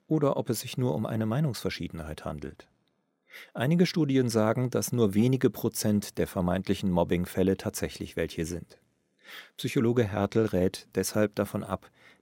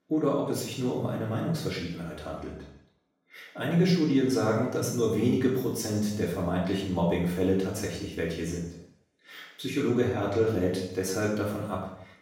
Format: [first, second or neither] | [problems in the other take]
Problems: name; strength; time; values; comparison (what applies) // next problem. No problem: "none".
first | room echo; noticeable; dies away in 0.7 s // off-mic speech; far